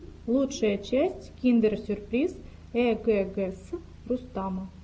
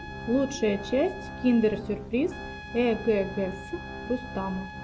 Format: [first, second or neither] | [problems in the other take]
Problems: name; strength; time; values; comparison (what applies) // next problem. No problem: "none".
first | background sound (Organ + Trumpet); 11 dB below the speech